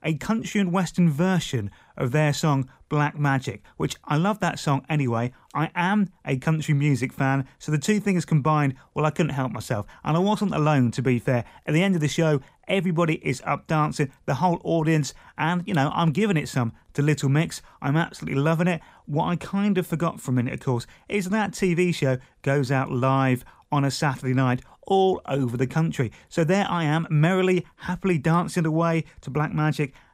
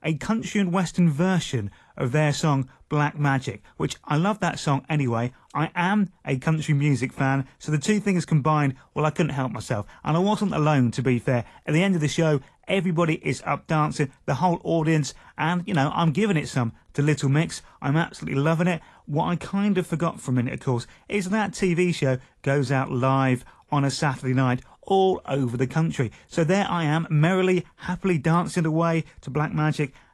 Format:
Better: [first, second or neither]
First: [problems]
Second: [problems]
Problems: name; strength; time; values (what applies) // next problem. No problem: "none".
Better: first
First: none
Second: garbled, watery; slightly; nothing above 11.5 kHz